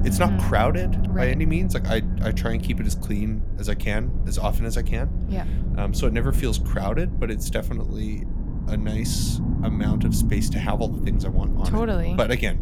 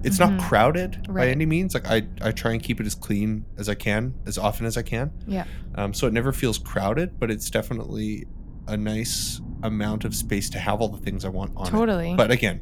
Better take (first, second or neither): second